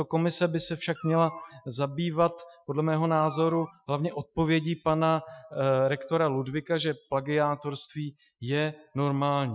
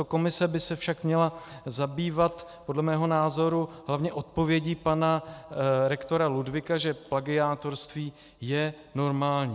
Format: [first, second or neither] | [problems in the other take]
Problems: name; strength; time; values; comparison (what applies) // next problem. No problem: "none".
second | noise reduction (classical method Wiener filter)